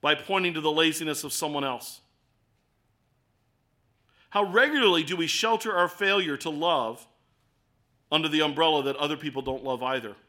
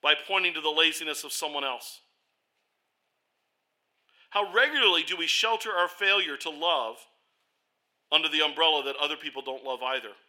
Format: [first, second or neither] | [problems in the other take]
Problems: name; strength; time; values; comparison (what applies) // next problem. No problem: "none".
first | thin; somewhat; fading below 500 Hz